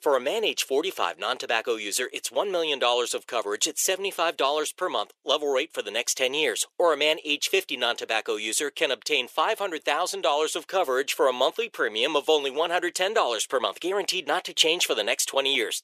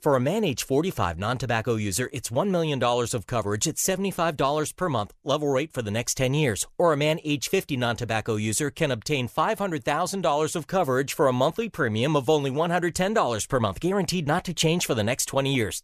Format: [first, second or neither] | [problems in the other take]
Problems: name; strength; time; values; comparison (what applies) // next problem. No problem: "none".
second | thin; very; fading below 400 Hz